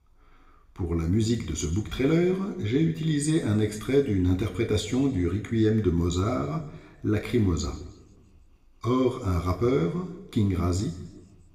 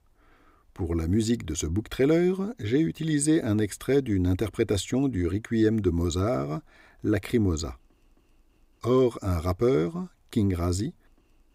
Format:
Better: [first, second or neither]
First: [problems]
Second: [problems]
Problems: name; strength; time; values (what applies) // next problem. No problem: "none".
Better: second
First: room echo; slight; dies away in 1 s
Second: none